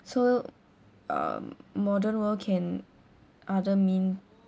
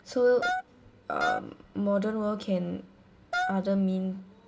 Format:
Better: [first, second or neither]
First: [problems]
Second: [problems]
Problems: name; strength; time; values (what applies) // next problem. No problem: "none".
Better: first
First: none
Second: background sound (Wind instrument, woodwind instrument); 4 dB below the speech // room echo; dies away in 0.4 s